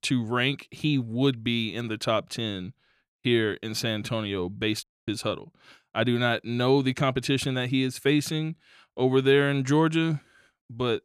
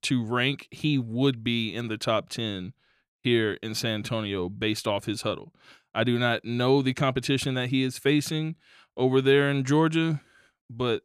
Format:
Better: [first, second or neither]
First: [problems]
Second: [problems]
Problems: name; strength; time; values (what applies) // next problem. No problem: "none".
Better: second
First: audio cutting out; at 5 s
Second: none